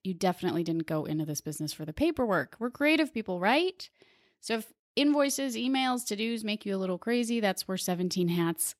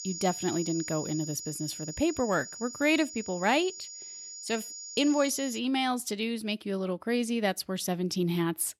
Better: first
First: none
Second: high-pitched whine; loud; until 5.5 s; 7 kHz, 9 dB below the speech

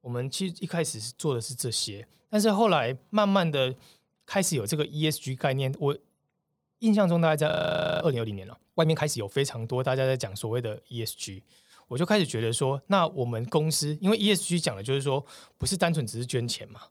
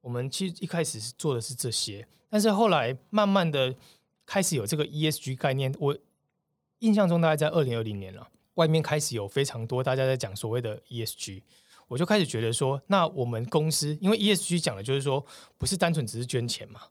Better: second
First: audio freezing; at 7.5 s for 0.5 s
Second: none

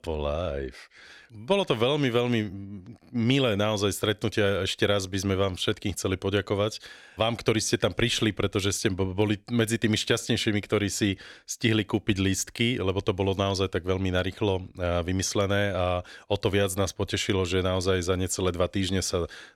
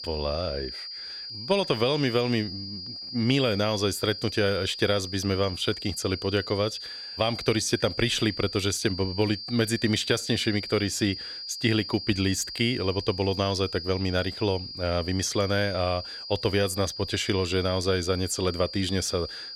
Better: first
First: none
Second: high-pitched whine; loud; throughout; 4.5 kHz, 9 dB below the speech

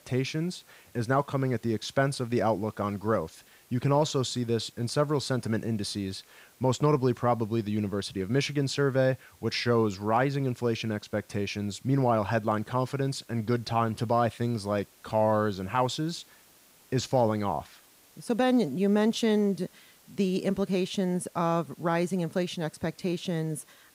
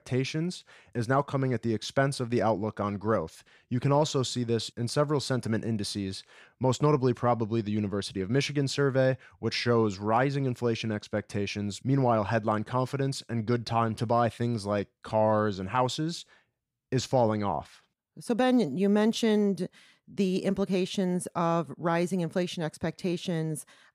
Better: second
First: hiss; faint; throughout; 30 dB below the speech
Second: none

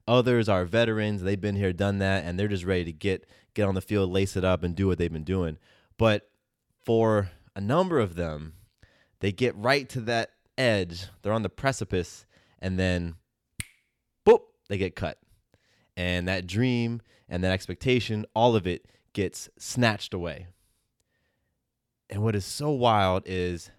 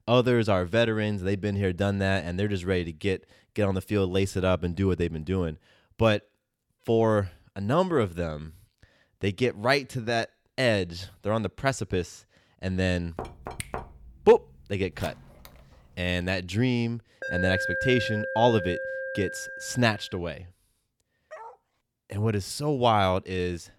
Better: first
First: none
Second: door banging; faint; from 13 to 15 s; peak 10 dB below the speech // alarm; noticeable; from 17 to 20 s; peak 1 dB below the speech // dog barking; faint; at 21 s; peak 20 dB below the speech

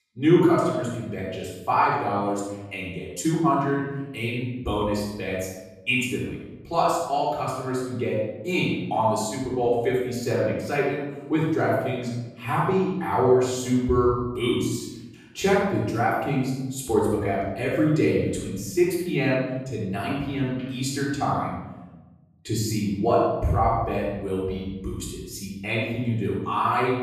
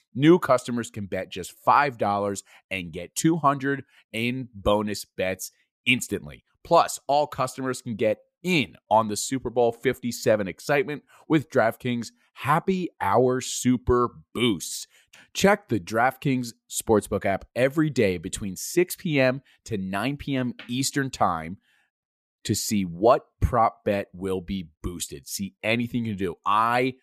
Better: second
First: off-mic speech; far // room echo; strong; dies away in 1.1 s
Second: none

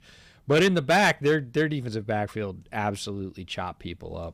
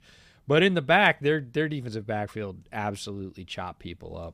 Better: second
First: distortion; slight; 3% of the sound clipped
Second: none

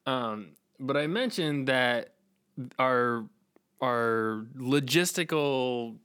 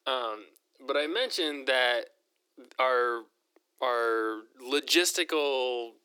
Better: first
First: none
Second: thin; somewhat; fading below 300 Hz

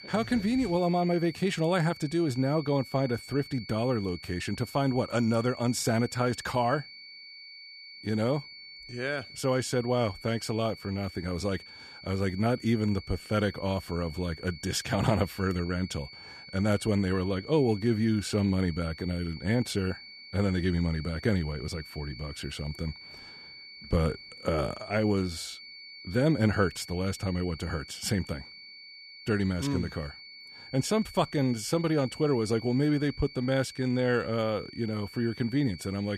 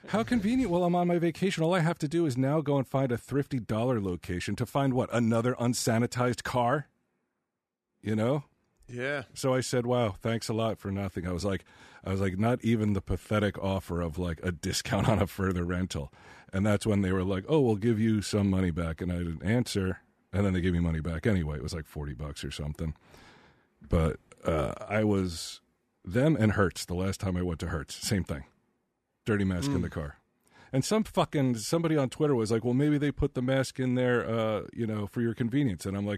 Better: second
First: high-pitched whine; noticeable; throughout; 4.5 kHz, 15 dB below the speech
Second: none

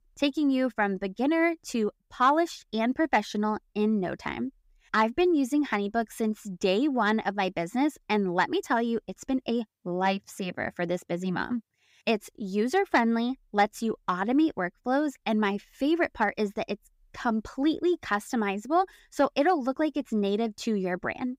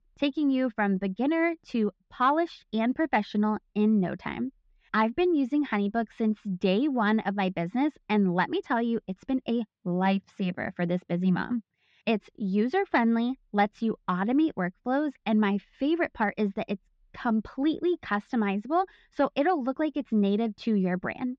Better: first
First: none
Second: muffled; very slightly; fading above 4 kHz

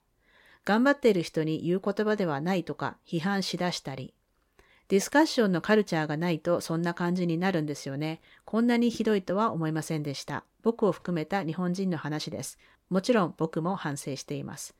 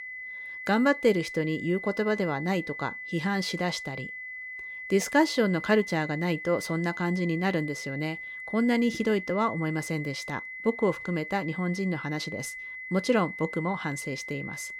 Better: first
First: none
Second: high-pitched whine; loud; throughout; 2 kHz, 9 dB below the speech

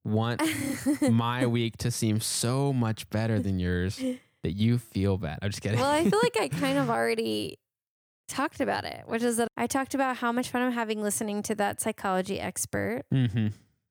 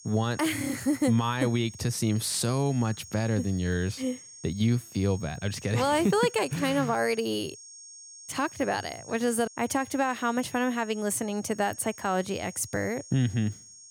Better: first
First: none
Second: high-pitched whine; noticeable; throughout; 6.5 kHz, 15 dB below the speech

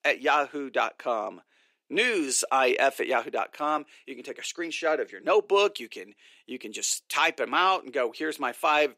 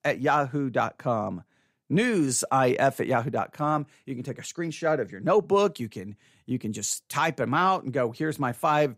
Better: second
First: thin; somewhat; fading below 350 Hz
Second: none

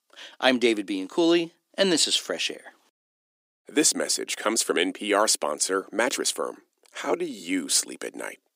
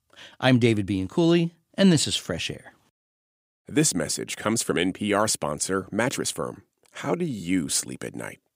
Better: second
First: thin; somewhat; fading below 300 Hz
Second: none

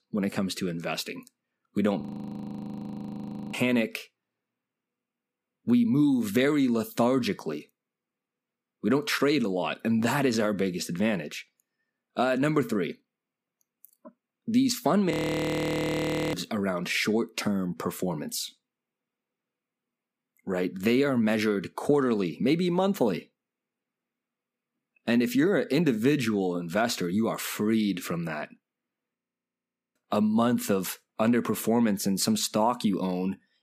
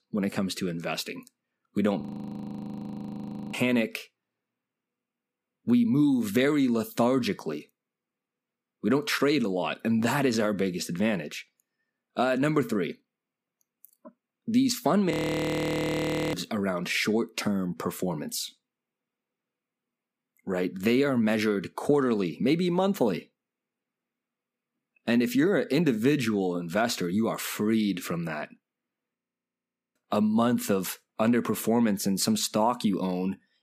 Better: neither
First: audio freezing; at 2 s for 1.5 s, at 15 s for 1 s and at 29 s for 1 s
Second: audio freezing; at 2 s for 1.5 s, at 15 s for 1 s and at 29 s for 1 s

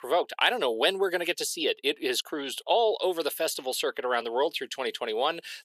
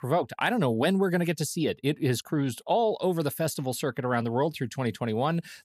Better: second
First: thin; very; fading below 400 Hz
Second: none

